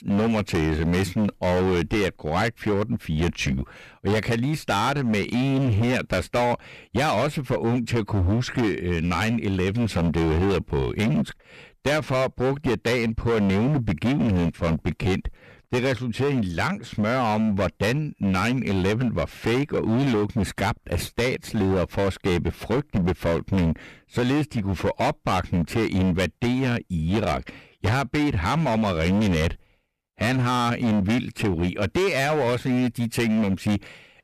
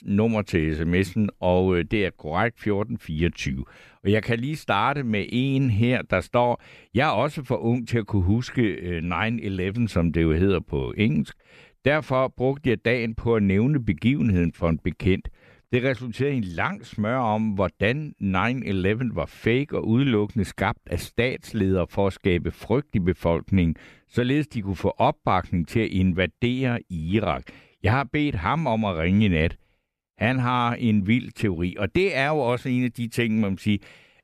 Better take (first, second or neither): second